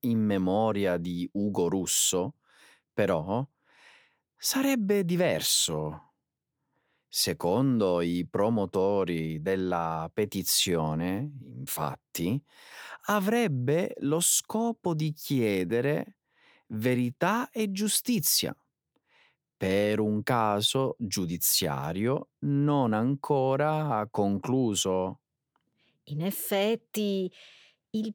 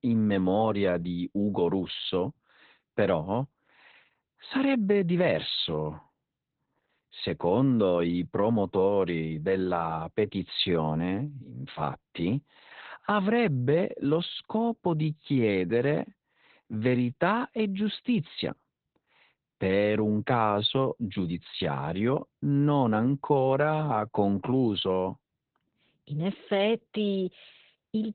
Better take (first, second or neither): first